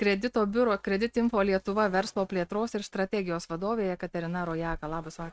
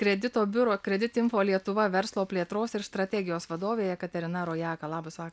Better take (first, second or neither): second